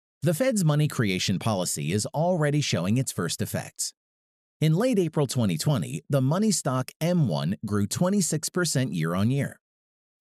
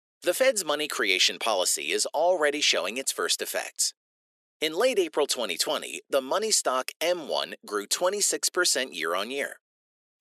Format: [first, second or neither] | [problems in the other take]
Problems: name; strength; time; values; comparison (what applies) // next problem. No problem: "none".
first | thin; very; fading below 350 Hz